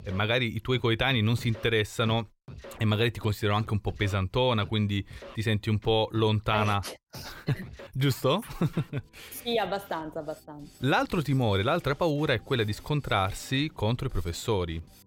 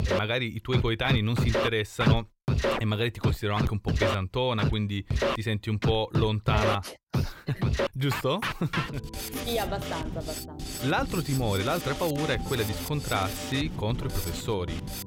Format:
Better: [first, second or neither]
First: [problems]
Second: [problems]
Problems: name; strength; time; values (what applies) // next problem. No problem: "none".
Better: first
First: background music; faint; throughout; 20 dB below the speech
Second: background music; loud; throughout; 2 dB below the speech